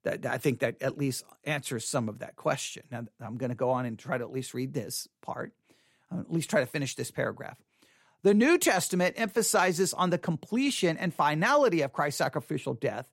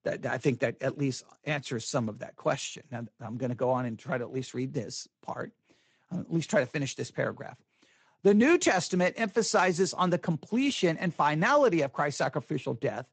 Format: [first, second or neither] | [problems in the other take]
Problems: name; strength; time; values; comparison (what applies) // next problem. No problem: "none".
first | garbled, watery; slightly; nothing above 7.5 kHz